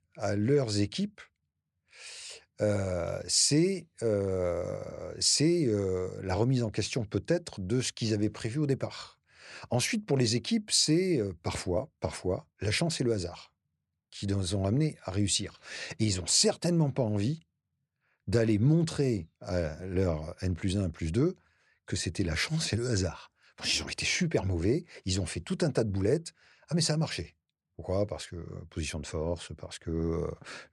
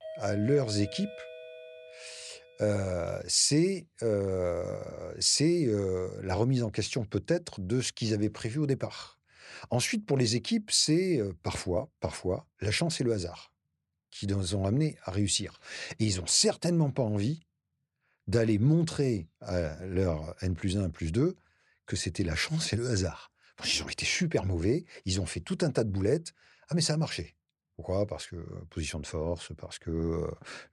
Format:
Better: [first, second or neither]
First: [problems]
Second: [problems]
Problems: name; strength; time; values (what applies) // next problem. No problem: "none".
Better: first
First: none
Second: doorbell; faint; until 2.5 s; peak 10 dB below the speech